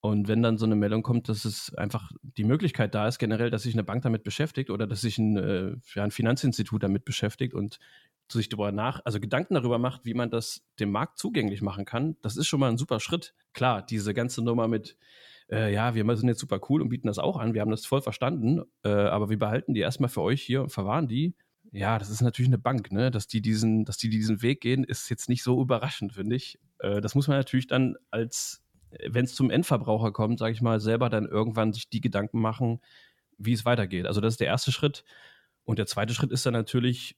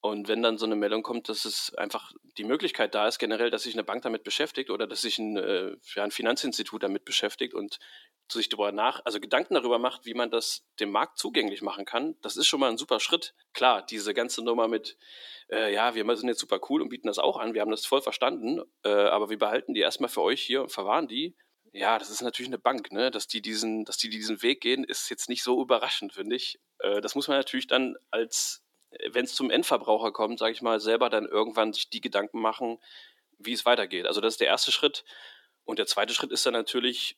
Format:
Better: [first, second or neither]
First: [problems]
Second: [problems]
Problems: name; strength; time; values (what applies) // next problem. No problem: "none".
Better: first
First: none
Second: thin; somewhat; fading below 300 Hz